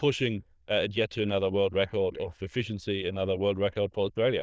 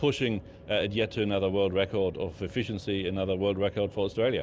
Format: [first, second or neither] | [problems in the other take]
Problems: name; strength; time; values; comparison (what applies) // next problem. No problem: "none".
second | noise reduction (neural diffusion model UNIVERSE++)